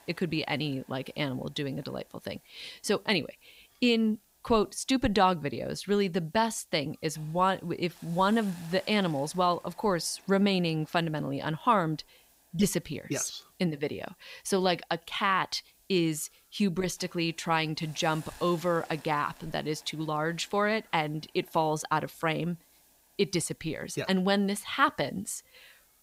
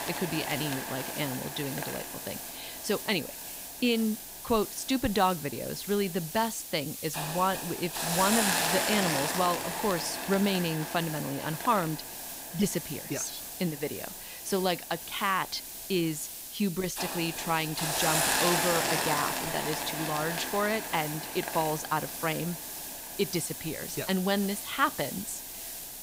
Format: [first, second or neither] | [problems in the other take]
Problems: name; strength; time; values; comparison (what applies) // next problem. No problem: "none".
first | hiss; loud; throughout; 2 dB below the speech; faint in the first